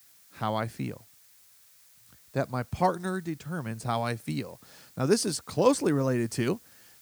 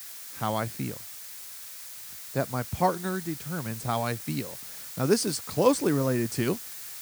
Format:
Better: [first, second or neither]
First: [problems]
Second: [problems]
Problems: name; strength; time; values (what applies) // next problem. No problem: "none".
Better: first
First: hiss; faint; throughout; 25 dB below the speech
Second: hiss; loud; throughout; 10 dB below the speech